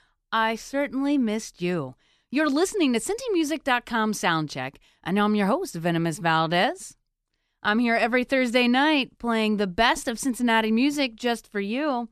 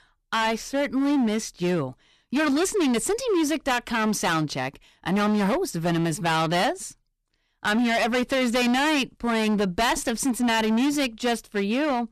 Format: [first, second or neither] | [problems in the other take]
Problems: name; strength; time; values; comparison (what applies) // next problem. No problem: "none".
first | distortion; heavy; 19% of the sound clipped